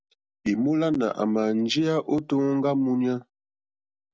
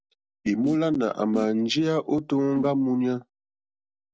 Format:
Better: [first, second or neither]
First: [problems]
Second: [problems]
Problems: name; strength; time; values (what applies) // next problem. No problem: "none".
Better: first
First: none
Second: noise reduction (neural separator model SepFormer DNS4)